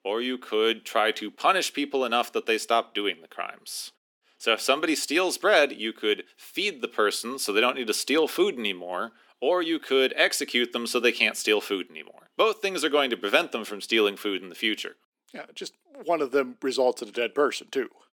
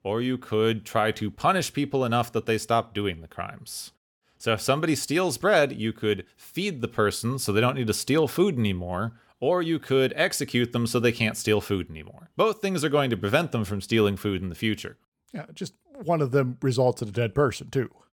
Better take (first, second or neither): second